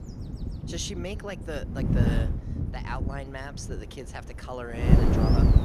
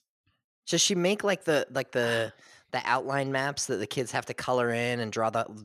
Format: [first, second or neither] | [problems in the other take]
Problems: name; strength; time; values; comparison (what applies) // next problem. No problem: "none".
second | wind noise on the microphone; heavy; 2 dB above the speech